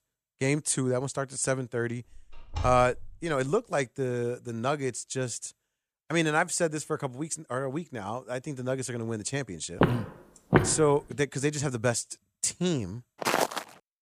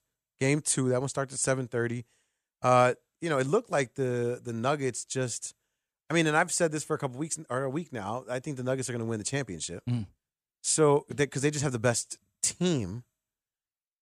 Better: second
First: door banging; noticeable; from 2 to 3.5 s; peak 7 dB below the speech // footsteps; loud; at 10 s and at 13 s; peak 4 dB above the speech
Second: none

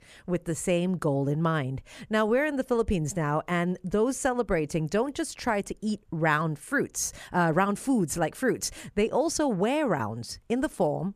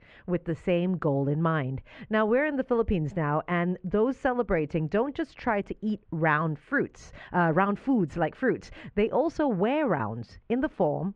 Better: first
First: none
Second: muffled; very; fading above 3 kHz

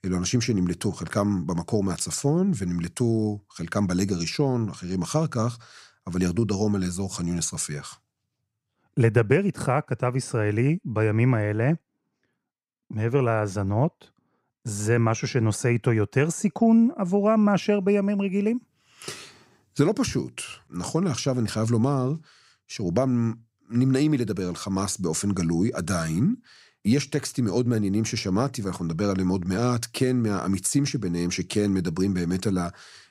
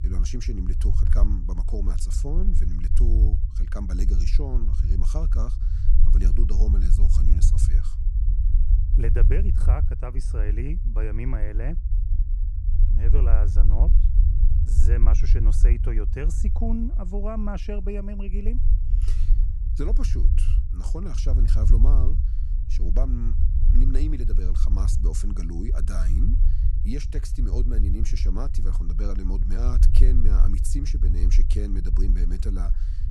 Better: first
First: none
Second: low rumble; loud; throughout; 6 dB below the speech

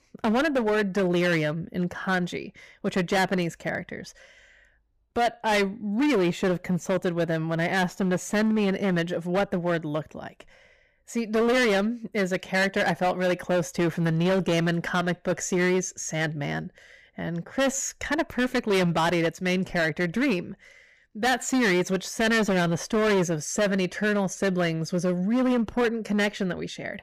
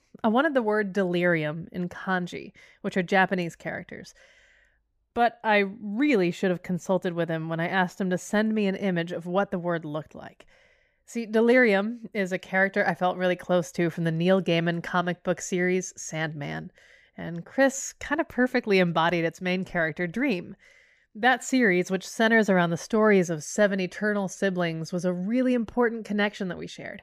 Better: second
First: distortion; heavy; 13% of the sound clipped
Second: none

